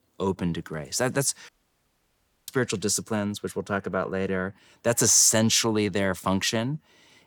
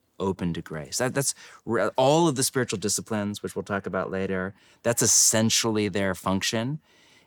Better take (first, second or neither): second